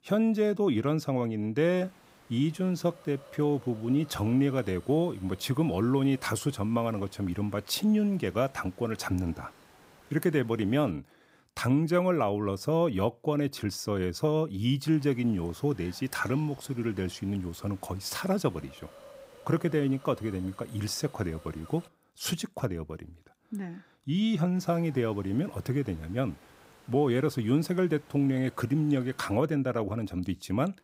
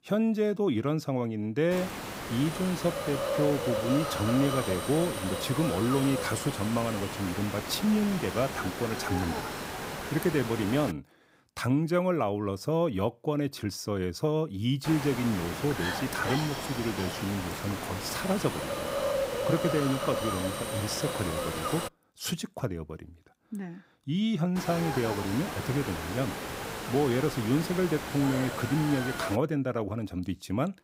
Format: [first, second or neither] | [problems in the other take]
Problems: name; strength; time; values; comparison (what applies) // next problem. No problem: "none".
first | hiss; loud; from 1.5 to 11 s, from 15 to 22 s and from 25 to 29 s; 4 dB below the speech; faint in the first